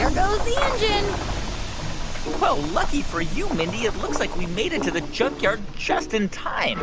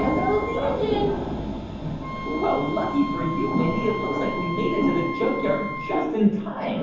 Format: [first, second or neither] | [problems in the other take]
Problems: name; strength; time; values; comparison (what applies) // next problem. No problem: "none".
first | background sound (Wind instrument, woodwind instrument); 9 dB below the speech // room echo; dies away in 0.9 s